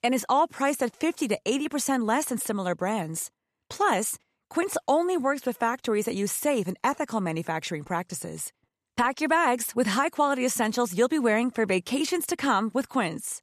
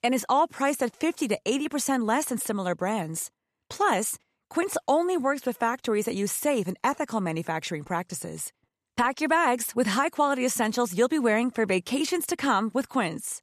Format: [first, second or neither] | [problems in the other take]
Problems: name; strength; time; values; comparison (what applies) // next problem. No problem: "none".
neither | none